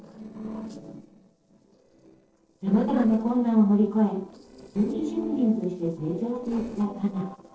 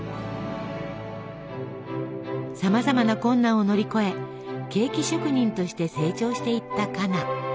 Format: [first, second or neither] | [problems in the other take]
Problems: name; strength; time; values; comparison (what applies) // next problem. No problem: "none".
second | noise reduction (neural separator model SepFormer DNS4)